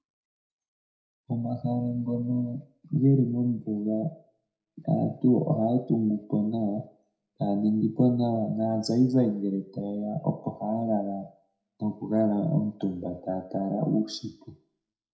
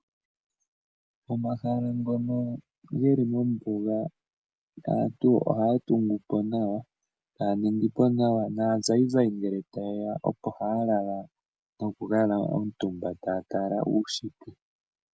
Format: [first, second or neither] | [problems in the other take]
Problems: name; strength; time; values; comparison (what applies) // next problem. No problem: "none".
second | room echo; dies away in 0.4 s